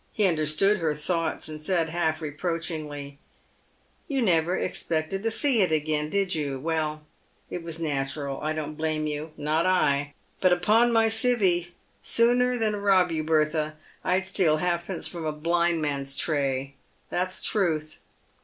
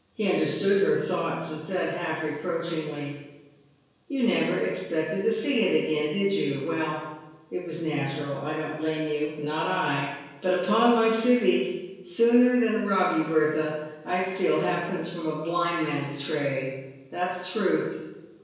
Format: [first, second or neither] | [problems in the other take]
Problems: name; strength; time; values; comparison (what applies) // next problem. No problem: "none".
first | room echo; dies away in 1 s